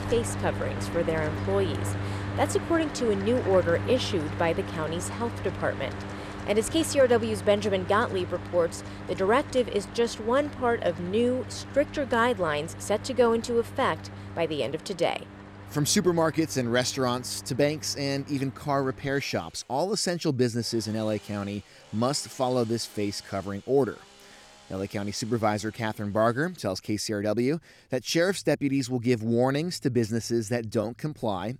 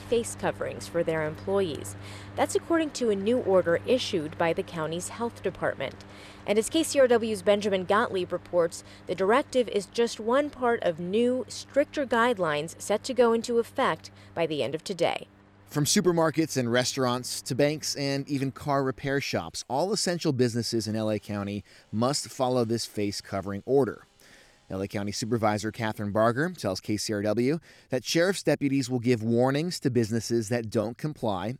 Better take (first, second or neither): second